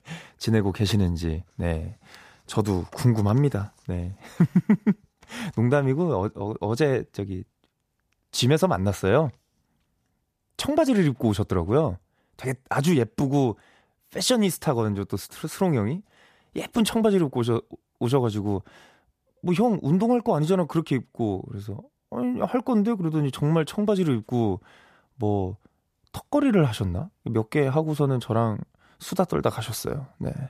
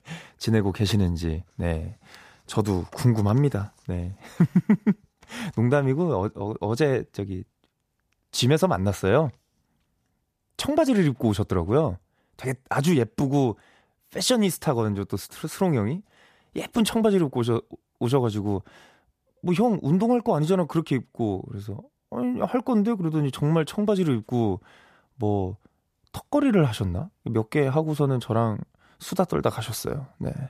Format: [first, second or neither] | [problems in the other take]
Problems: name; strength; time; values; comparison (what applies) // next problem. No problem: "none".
neither | none